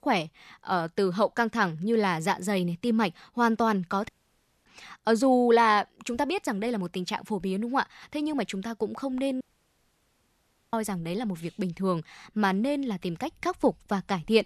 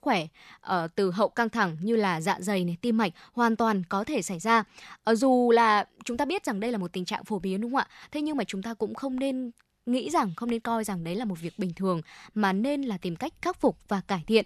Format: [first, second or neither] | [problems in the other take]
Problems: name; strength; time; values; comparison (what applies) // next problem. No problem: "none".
second | audio cutting out; at 4 s for 0.5 s and at 9.5 s for 1.5 s